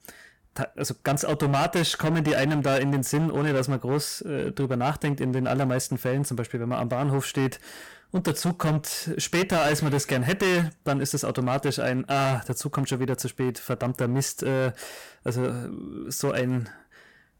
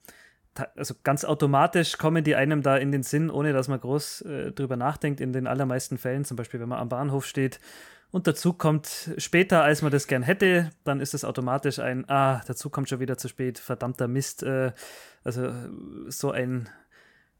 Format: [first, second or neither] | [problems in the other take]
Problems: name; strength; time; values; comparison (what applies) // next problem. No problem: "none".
second | distortion; heavy; 13% of the sound clipped